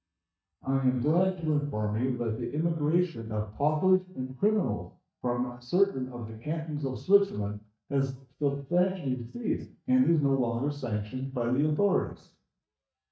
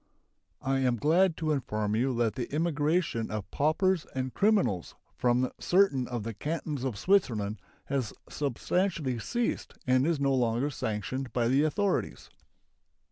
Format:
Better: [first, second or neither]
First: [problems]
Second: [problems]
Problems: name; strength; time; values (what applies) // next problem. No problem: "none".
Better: second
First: noise reduction (neural mask model DeepFilterNet 3)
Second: none